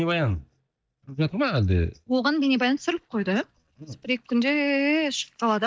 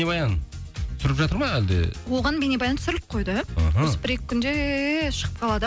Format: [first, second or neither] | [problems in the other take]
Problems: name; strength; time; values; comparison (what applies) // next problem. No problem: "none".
second | noise reduction (neural mask model DeepFilterNet 3)